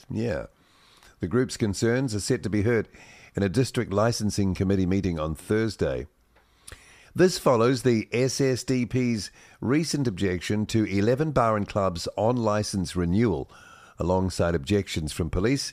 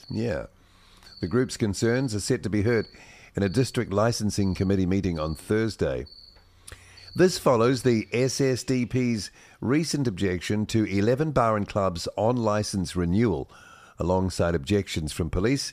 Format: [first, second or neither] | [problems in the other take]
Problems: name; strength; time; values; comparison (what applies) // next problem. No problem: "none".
first | animal sounds; faint; throughout; 25 dB below the speech